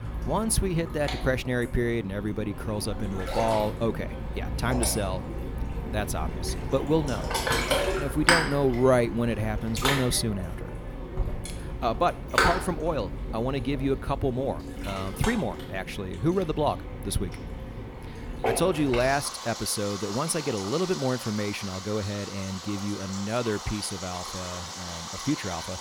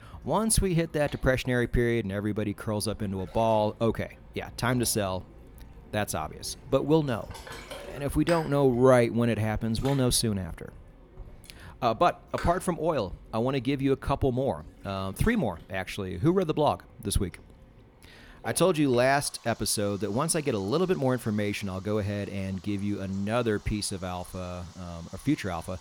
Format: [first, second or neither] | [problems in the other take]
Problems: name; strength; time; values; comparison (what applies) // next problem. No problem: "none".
second | rain or running water; loud; throughout; 4 dB below the speech; faint in the second